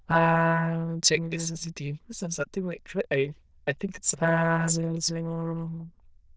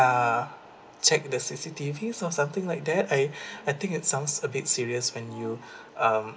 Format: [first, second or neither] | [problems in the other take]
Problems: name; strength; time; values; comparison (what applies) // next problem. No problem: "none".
second | noise reduction (neural diffusion model UNIVERSE++)